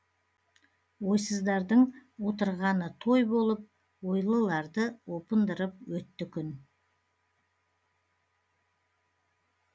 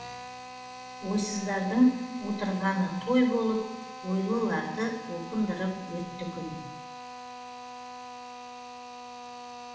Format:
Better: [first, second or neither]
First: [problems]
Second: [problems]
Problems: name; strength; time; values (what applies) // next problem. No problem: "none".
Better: first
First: none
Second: background sound (Drill); 11 dB below the speech // room echo; dies away in 0.9 s